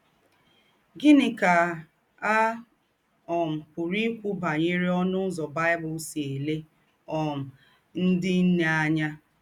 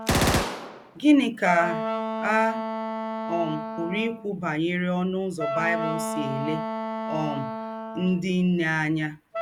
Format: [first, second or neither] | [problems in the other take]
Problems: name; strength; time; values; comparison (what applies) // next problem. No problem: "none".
first | background sound (Gunshot, gunfire + Wind instrument, woodwind instrument); 4 dB below the speech